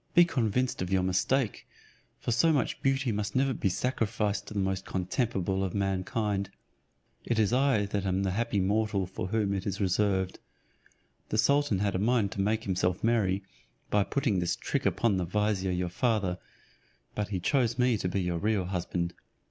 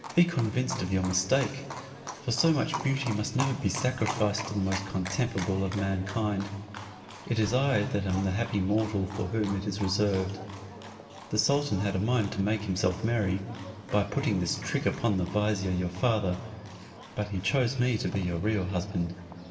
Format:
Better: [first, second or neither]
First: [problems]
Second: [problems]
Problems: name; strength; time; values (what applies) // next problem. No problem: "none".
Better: first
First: none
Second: background sound (Livestock, farm animals, working animals); 14 dB below the speech // room echo; dies away in 1.7 s